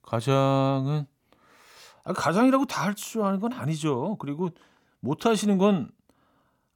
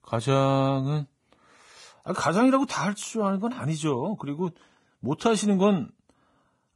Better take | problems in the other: first | garbled, watery; badly; nothing above 10.5 kHz

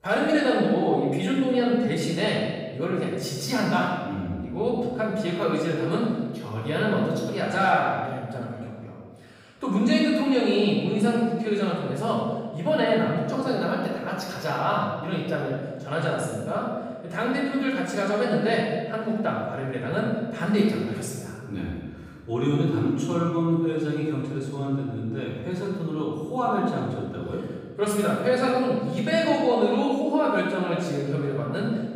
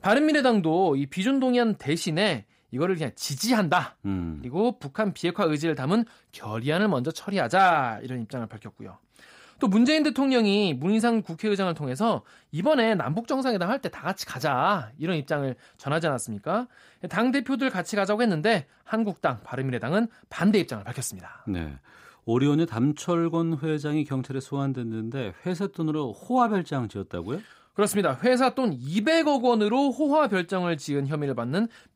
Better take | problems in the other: second | off-mic speech; far // room echo; noticeable; dies away in 1.4 s

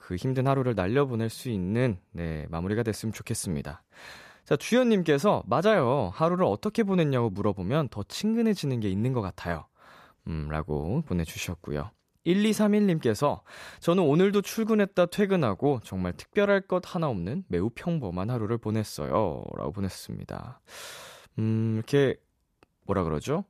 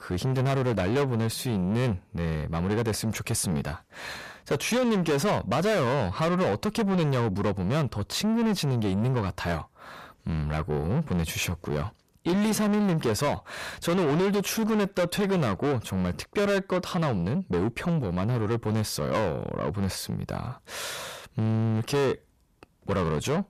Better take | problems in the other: first | distortion; heavy; 6 dB below the speech

